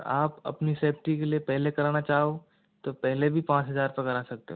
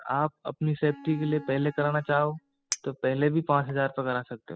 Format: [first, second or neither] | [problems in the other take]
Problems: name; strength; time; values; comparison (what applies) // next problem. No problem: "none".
first | noise reduction (classical method spectral subtraction)